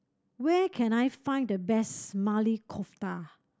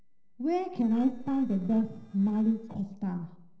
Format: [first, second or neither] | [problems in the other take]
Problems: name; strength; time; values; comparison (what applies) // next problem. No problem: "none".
first | noise reduction (neural separator model SepFormer DNS4)